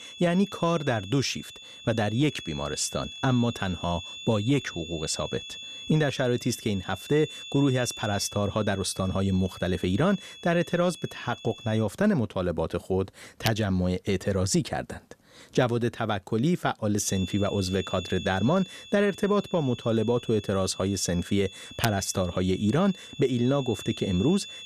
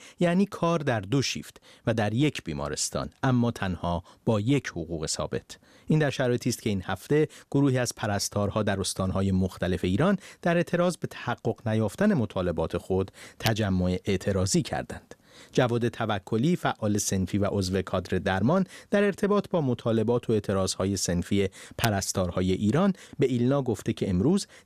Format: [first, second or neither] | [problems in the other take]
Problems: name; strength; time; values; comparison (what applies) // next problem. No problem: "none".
second | high-pitched whine; noticeable; until 12 s and from 17 s on; 3.5 kHz, 15 dB below the speech